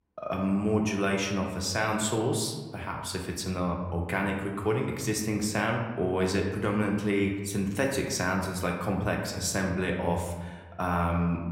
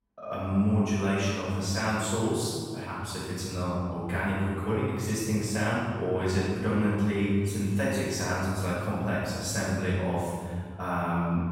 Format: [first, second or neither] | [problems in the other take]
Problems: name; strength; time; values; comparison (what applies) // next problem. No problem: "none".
first | room echo; strong; dies away in 1.8 s; slight in the first // off-mic speech; far